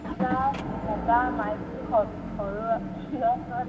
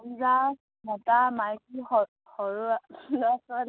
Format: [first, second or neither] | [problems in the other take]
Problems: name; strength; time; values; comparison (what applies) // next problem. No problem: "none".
second | background sound (Motor vehicle (road) / Engine); 4 dB below the speech // room echo; dies away in 2.6 s